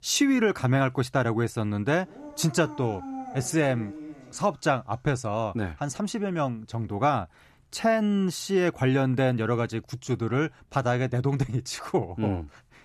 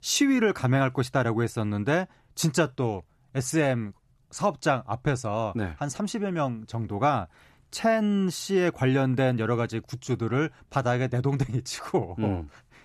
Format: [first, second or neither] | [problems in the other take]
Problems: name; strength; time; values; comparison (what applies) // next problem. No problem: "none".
second | dog barking; faint; from 2 to 4.5 s; peak 10 dB below the speech